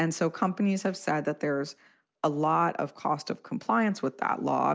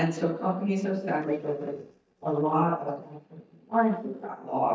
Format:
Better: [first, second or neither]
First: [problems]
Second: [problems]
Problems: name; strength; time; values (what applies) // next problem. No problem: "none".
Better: first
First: none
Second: noise reduction (neural mask model DeepFilterNet 3)